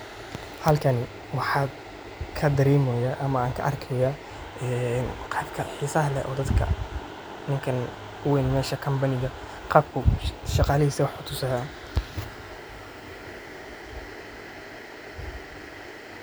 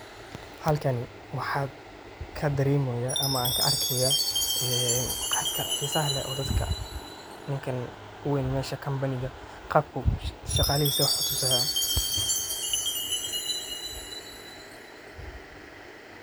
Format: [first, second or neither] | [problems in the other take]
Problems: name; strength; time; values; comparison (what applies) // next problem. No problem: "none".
first | background sound (Chime); 1 dB below the speech